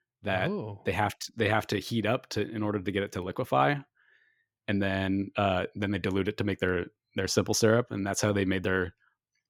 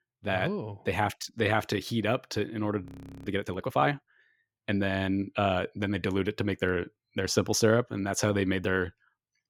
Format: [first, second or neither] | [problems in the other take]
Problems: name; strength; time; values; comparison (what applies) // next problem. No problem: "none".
first | audio freezing; at 3 s